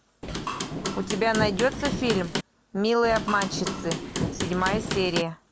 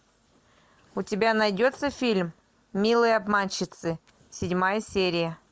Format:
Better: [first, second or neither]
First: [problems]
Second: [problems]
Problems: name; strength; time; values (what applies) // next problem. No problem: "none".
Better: second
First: background sound (Hammer / Wood); 3 dB below the speech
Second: none